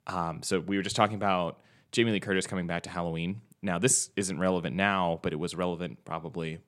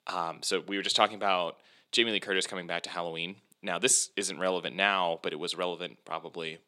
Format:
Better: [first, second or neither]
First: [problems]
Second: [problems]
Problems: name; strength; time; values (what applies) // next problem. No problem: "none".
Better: first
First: none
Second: thin; somewhat; fading below 350 Hz